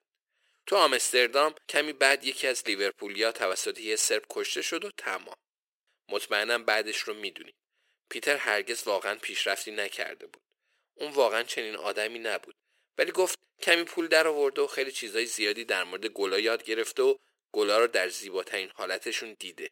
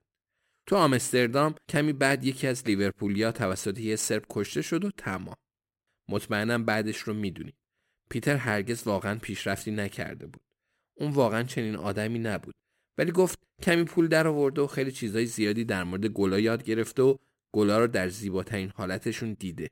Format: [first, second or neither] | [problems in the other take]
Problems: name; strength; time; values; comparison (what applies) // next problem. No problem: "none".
second | thin; very; fading below 450 Hz